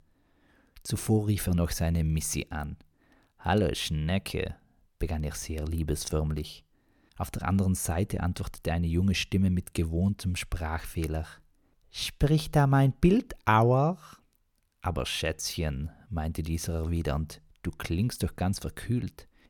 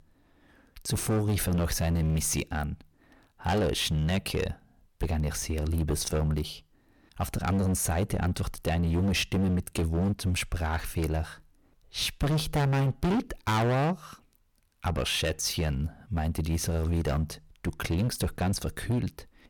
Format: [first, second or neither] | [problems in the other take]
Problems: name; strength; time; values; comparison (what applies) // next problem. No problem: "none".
first | distortion; heavy; 15% of the sound clipped